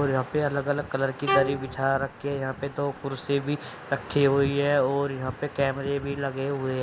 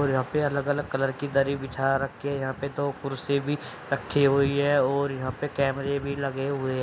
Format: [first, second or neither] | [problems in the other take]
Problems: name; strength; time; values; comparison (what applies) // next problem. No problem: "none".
second | background sound (Bowed string instrument); 7 dB below the speech